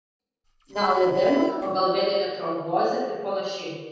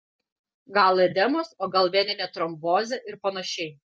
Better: second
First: noise reduction (neural separator model SepFormer DNS4)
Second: none

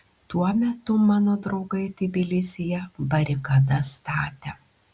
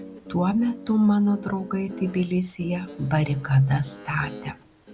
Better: first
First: none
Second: background sound (Guitar); 17 dB below the speech

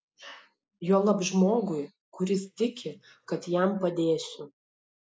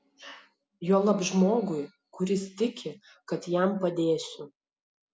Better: second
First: noise reduction (neural mask model Resemble Enhance denoiser)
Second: none

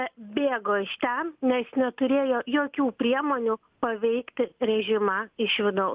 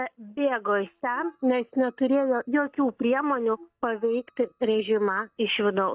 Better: first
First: none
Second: noise reduction (neural mask model DeepFilterNet 3)

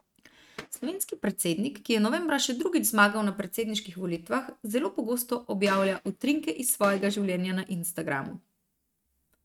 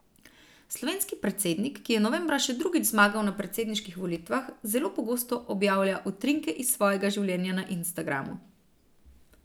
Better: second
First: noise reduction (neural mask model RNNoise)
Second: none

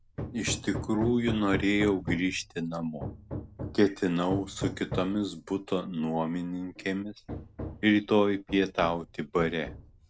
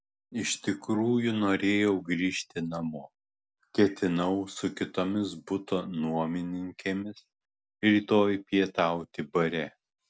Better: second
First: background sound (Hammer); 11 dB below the speech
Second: none

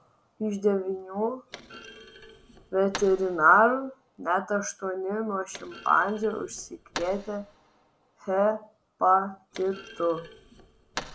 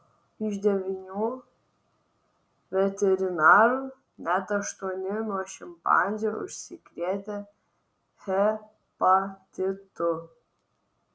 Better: second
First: background sound (Thump, thud); 18 dB below the speech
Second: none

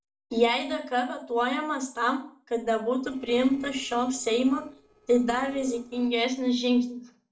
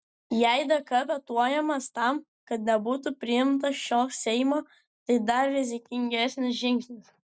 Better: second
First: noise reduction (neural separator model SepFormer DNS4)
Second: none

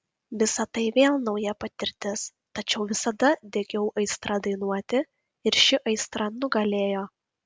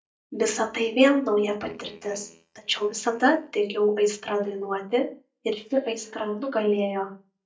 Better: first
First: none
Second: noise reduction (neural mask model DeepFilterNet 3)

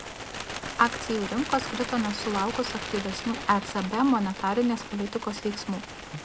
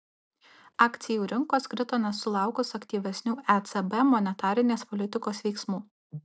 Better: second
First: background sound (Bird); 8 dB below the speech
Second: none

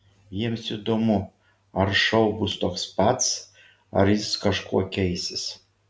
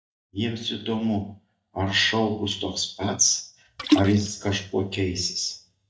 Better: first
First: none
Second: noise reduction (neural mask model DeepFilterNet 3)

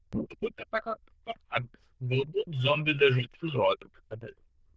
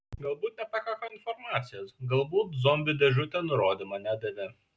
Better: second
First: noise reduction (neural diffusion model UNIVERSE++)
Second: none

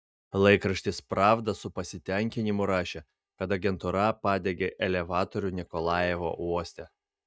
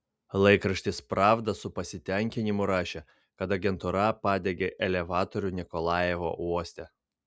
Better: second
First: noise reduction (neural mask model DeepFilterNet 3)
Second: none

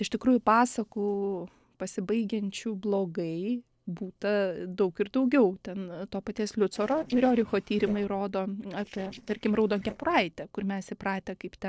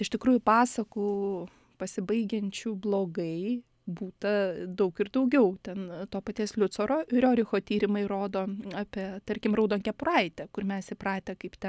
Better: second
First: noise reduction (neural separator model SepFormer DNS4)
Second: none

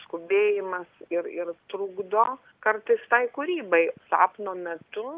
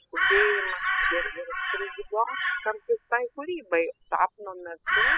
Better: first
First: none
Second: noise reduction (classical method spectral subtraction)

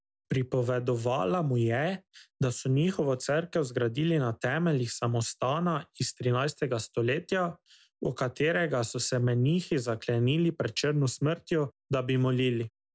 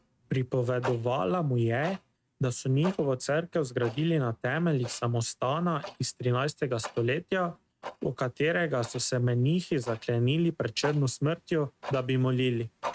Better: first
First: none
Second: noise reduction (neural mask model RNNoise)

